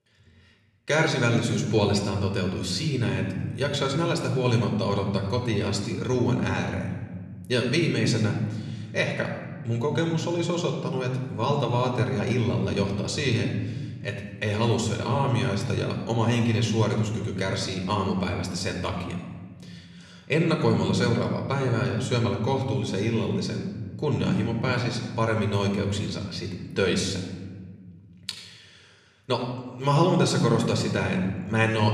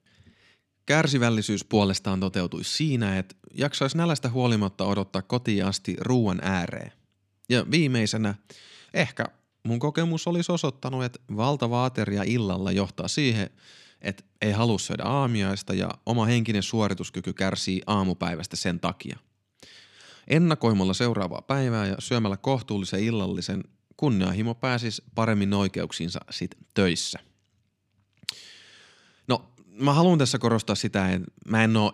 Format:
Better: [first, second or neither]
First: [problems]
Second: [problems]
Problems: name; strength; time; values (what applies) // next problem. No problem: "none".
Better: second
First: room echo; slight; dies away in 1.5 s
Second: none